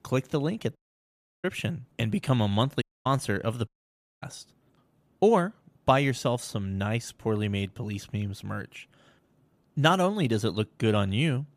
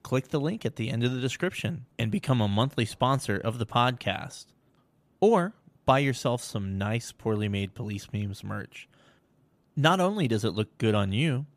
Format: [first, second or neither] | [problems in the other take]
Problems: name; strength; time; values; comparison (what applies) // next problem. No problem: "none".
second | audio cutting out; at 1 s for 0.5 s, at 3 s and at 3.5 s for 0.5 s